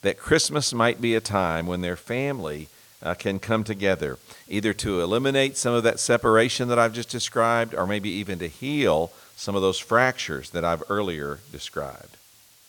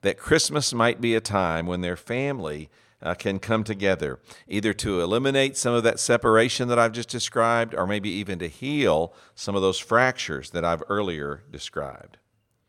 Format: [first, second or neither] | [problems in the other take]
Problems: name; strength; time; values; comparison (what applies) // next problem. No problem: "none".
second | hiss; faint; throughout; 25 dB below the speech